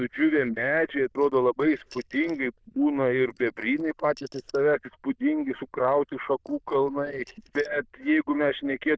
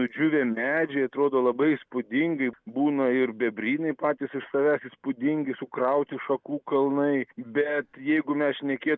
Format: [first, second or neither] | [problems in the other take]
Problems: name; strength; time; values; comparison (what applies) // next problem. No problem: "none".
second | noise reduction (neural diffusion model UNIVERSE++)